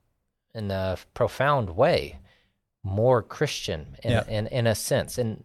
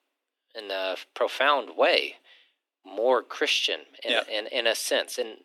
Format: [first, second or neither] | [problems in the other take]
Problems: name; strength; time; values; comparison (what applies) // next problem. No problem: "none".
first | thin; very; fading below 250 Hz